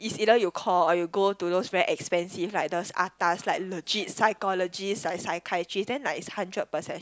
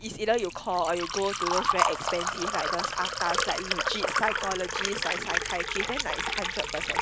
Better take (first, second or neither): first